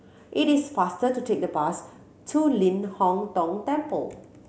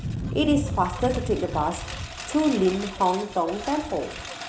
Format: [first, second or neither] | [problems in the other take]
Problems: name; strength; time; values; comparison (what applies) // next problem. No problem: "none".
first | background sound (Engine); 7 dB below the speech